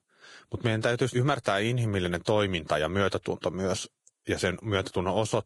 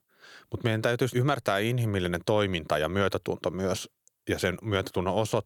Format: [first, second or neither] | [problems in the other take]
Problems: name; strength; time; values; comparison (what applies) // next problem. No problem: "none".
second | garbled, watery; badly; nothing above 11.5 kHz